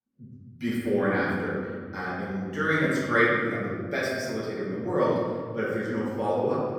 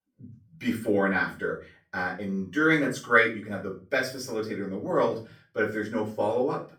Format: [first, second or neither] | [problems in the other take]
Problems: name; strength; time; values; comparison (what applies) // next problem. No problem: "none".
second | room echo; strong; dies away in 2.4 s; slight in the second // off-mic speech; far; far in the second